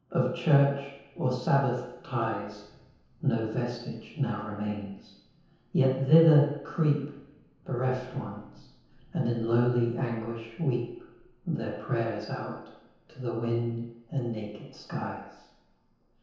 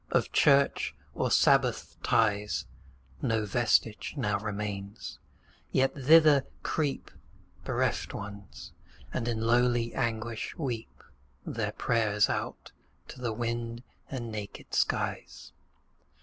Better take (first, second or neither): second